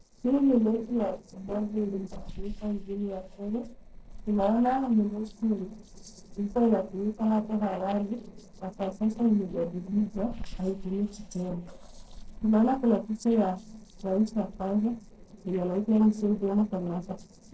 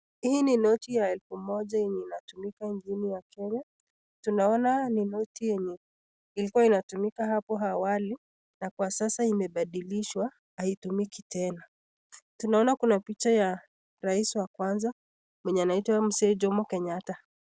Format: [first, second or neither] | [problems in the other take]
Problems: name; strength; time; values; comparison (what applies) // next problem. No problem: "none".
second | noise reduction (neural separator model SepFormer DNS4)